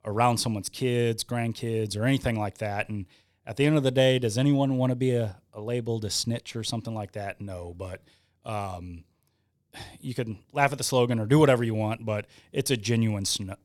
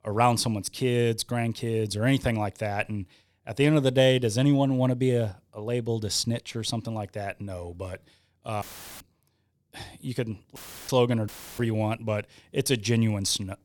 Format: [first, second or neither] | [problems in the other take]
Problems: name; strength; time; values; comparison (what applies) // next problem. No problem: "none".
first | audio cutting out; filled with static; at 8.5 s and at 11 s